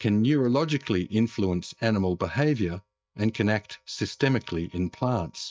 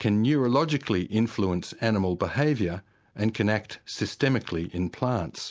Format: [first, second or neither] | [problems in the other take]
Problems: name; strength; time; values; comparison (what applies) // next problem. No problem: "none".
second | noise reduction (neural mask model DeepFilterNet 3)